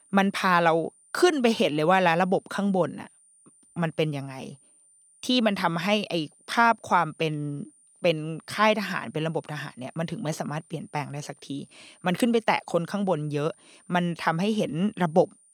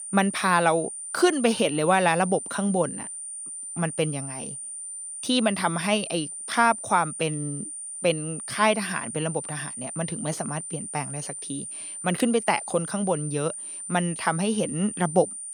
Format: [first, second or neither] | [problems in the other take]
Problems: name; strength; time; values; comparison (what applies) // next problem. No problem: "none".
first | high-pitched whine; loud; throughout; 9 kHz, 8 dB below the speech; faint in the first